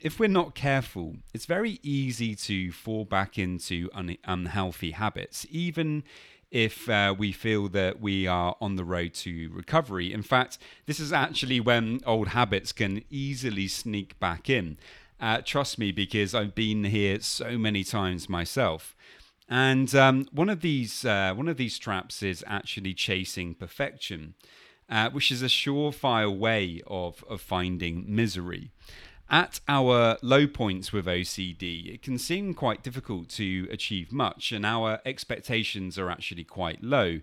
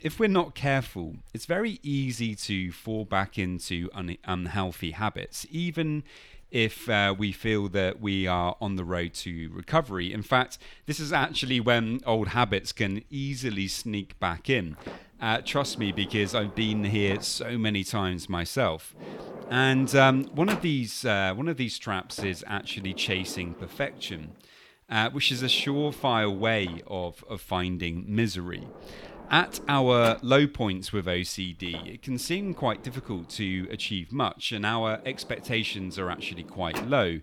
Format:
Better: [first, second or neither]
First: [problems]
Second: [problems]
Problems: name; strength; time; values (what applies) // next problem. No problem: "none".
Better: first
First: none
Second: household noises; noticeable; throughout; 15 dB below the speech